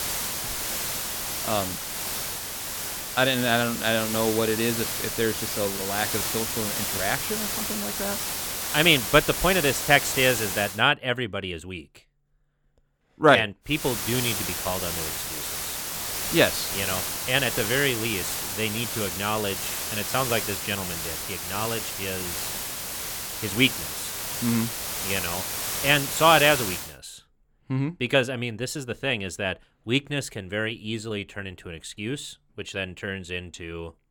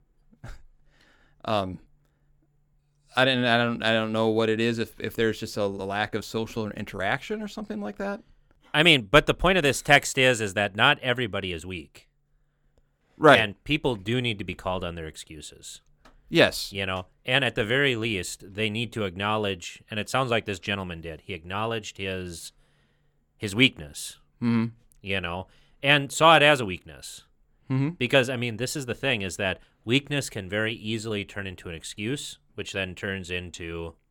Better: second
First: hiss; loud; until 11 s and from 14 to 27 s; 3 dB below the speech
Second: none

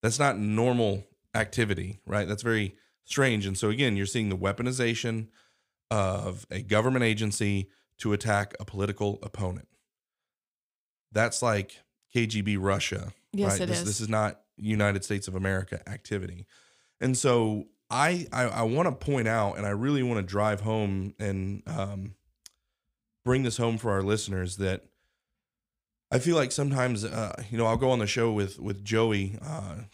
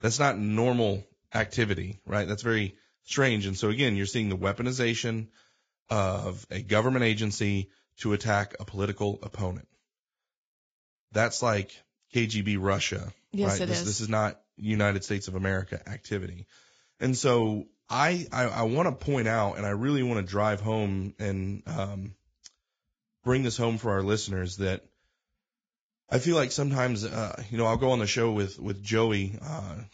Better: first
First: none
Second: garbled, watery; badly; nothing above 7.5 kHz

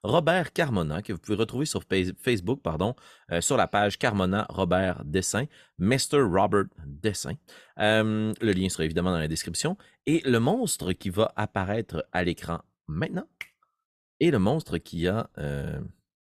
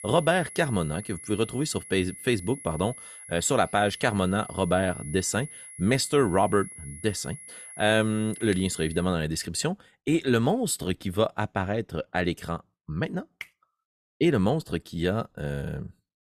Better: first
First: none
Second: high-pitched whine; noticeable; until 9 s; 10.5 kHz, 15 dB below the speech

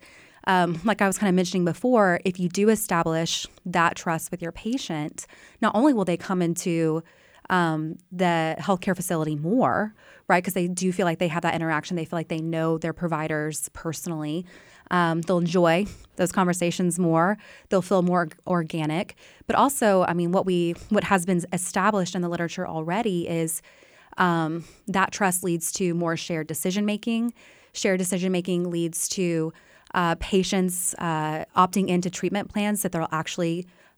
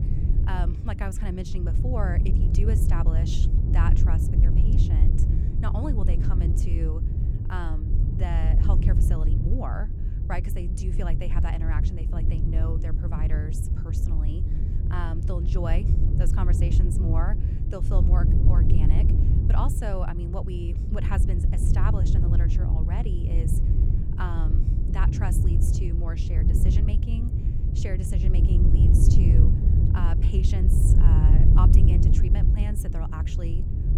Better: first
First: none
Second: wind noise on the microphone; heavy; 1 dB below the speech

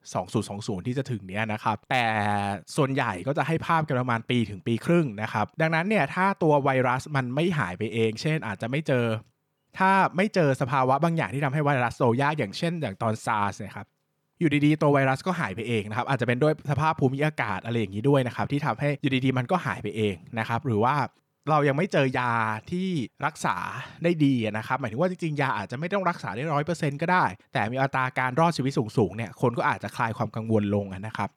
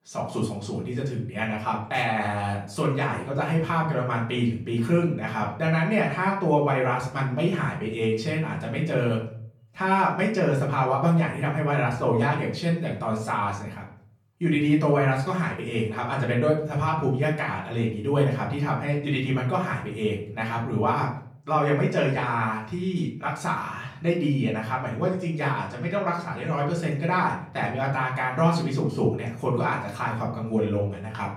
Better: first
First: none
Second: room echo; slight; dies away in 0.5 s // off-mic speech; far

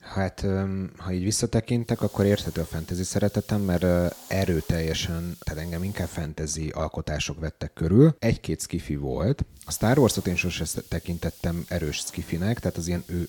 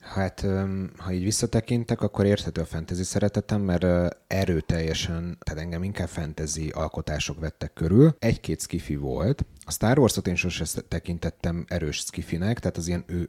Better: second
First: hiss; noticeable; from 2 to 6 s and from 9.5 s on; 20 dB below the speech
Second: none

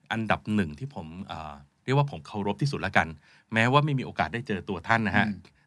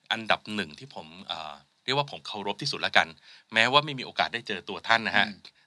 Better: first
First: none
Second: thin; somewhat; fading below 1 kHz

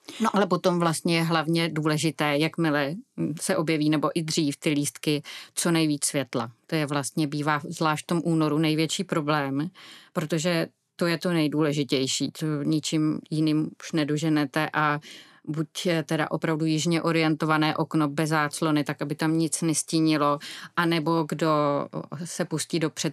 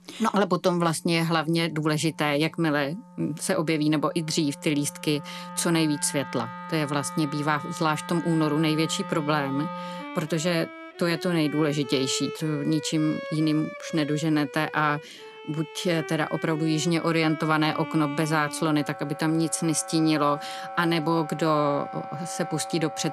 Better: first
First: none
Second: background music; noticeable; throughout; 10 dB below the speech

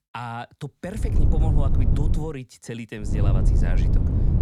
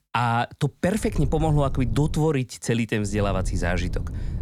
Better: second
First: wind noise on the microphone; heavy; from 1 to 2 s and from 3 s on; 1 dB below the speech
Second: wind noise on the microphone; occasional gusts; from 1 to 2 s and from 3 s on; 20 dB below the speech

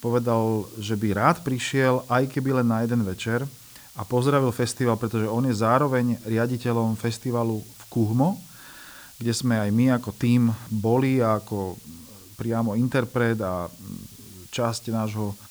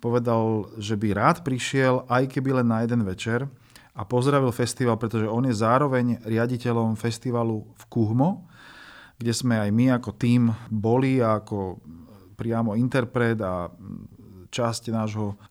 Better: second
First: hiss; faint; throughout; 20 dB below the speech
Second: none

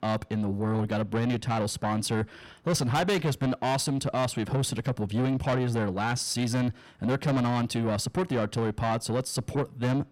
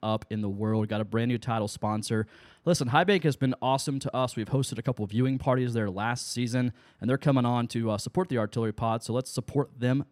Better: second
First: distortion; heavy; 7 dB below the speech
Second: none

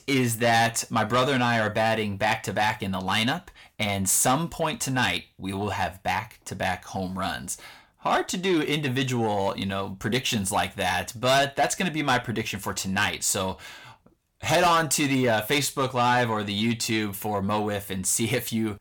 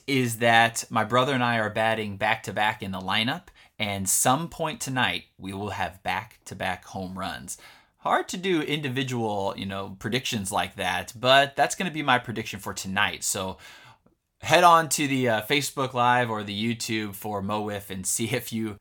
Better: second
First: distortion; heavy; 8 dB below the speech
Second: none

